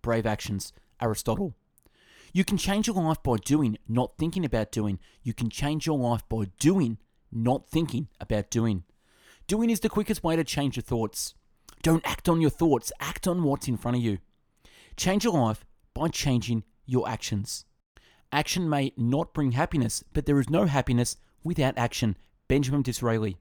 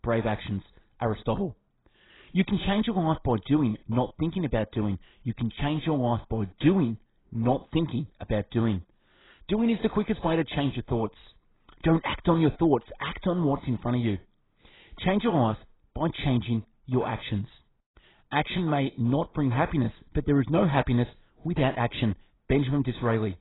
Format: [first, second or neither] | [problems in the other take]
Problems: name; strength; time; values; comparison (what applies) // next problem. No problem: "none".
first | garbled, watery; badly; nothing above 4 kHz